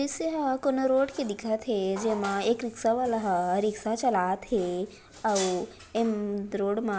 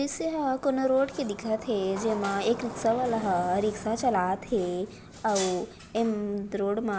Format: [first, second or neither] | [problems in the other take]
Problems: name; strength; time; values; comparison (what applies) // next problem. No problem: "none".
first | background sound (Motorcycle); 15 dB below the speech